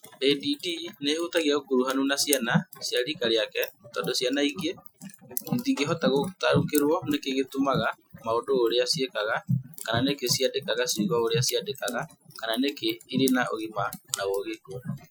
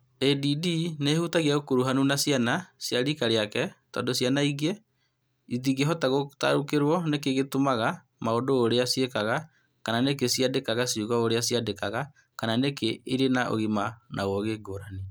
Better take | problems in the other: second | noise reduction (classical method Wiener filter)

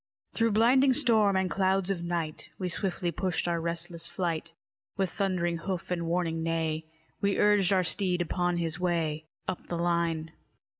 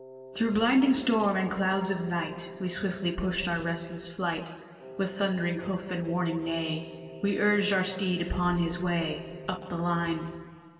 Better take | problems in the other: first | background sound (Wind instrument, woodwind instrument); 16 dB below the speech // room echo; dies away in 2.2 s

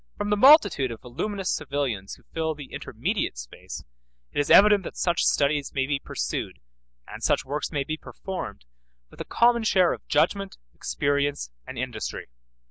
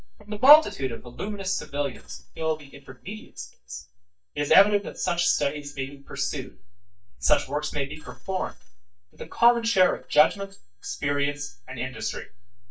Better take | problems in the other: first | noise reduction (neural mask model DeepFilterNet 3)

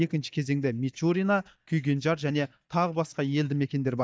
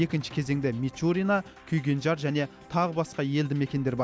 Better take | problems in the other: second | noise reduction (neural mask model DeepFilterNet 3)

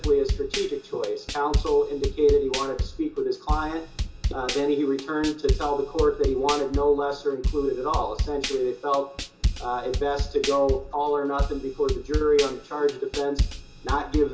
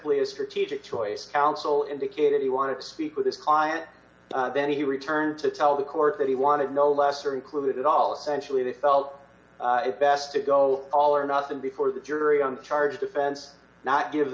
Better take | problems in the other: second | background sound (Drum / Drum kit); 4 dB below the speech // room echo; dies away in 0.2 s

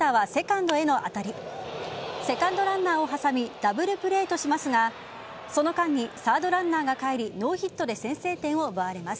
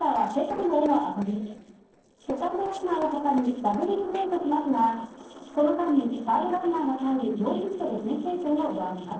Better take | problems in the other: first | noise reduction (neural separator model SepFormer DNS4)

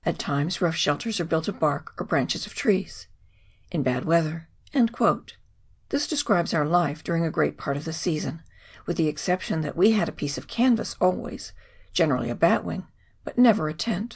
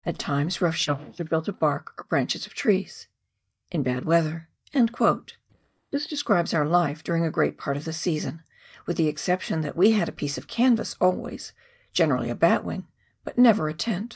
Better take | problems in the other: first | noise reduction (neural mask model DeepFilterNet 3)

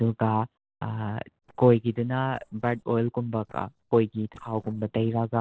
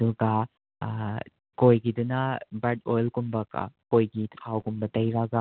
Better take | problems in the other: second | noise reduction (neural separator model SepFormer DNS4)

